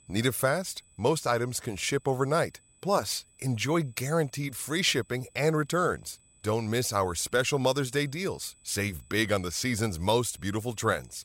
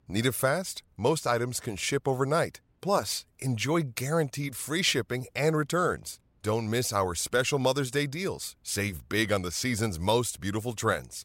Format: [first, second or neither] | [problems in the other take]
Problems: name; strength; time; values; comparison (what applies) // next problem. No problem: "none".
second | high-pitched whine; faint; throughout; 8 kHz, 30 dB below the speech